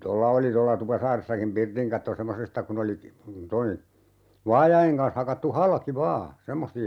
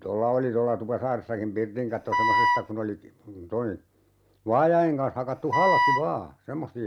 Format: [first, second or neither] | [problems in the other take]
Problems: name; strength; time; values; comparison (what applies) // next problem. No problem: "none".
first | background sound (Wind instrument, woodwind instrument); 4 dB above the speech